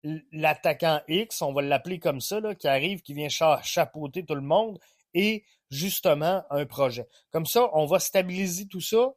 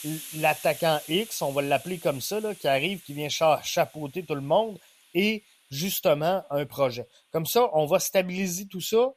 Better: first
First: none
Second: hiss; noticeable; throughout; 15 dB below the speech

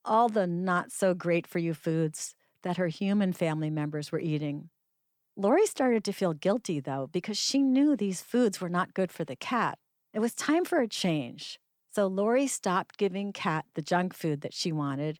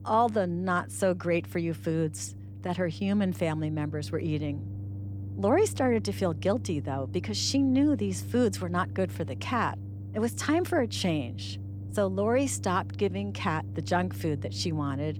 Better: first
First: none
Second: low rumble; faint; throughout; 20 dB below the speech

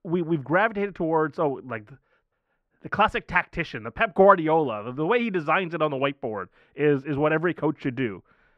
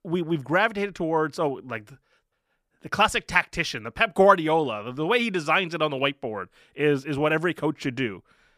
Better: second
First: muffled; very; fading above 4 kHz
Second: none

